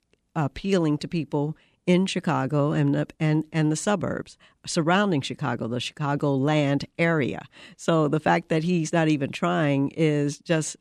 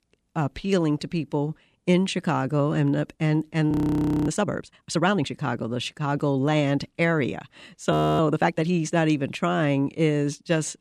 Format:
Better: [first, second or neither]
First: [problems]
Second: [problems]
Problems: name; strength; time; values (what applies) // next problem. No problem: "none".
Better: first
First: none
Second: audio freezing; at 3.5 s for 0.5 s and at 8 s